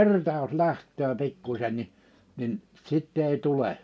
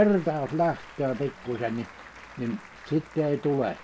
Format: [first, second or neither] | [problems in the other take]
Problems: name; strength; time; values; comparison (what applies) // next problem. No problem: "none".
first | background sound (Applause); 19 dB below the speech